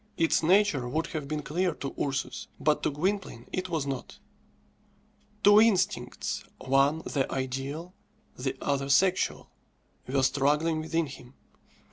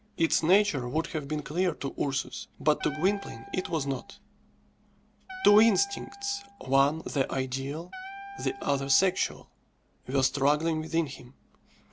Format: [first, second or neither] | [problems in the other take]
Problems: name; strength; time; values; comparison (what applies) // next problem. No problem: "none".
first | background sound (Wind instrument, woodwind instrument); 15 dB below the speech